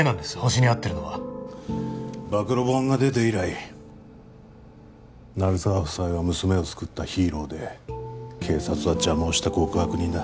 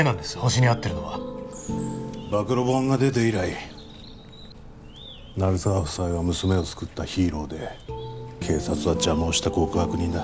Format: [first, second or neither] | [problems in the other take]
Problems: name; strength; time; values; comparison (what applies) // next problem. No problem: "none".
first | background sound (Bird); 20 dB below the speech